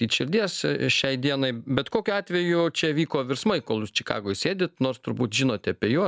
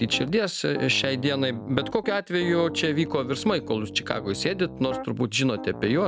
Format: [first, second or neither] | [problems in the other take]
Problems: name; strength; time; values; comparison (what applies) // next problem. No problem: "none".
first | background sound (Piano); 12 dB below the speech